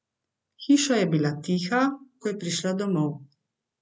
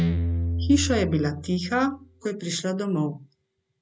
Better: first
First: none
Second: background sound (Guitar); 4 dB below the speech

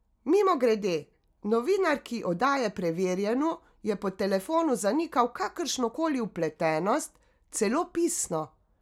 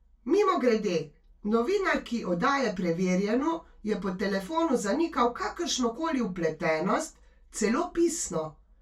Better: first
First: none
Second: room echo; dies away in 0.1 s

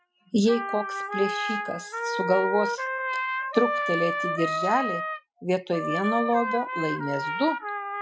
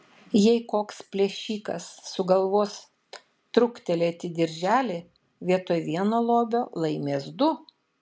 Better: second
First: noise reduction (classical method Wiener filter)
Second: none

